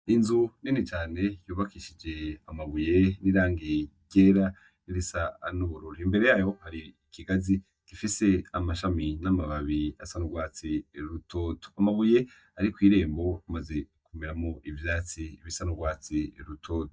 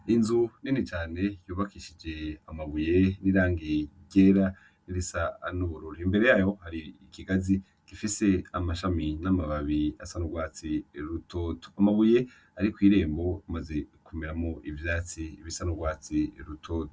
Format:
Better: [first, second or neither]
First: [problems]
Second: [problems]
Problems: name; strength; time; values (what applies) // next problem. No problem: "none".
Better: second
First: noise reduction (neural mask model DeepFilterNet 3)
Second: none